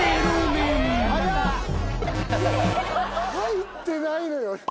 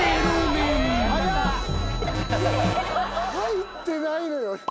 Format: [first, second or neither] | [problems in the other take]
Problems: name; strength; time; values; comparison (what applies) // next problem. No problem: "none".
first | background sound (Guitar); 16 dB below the speech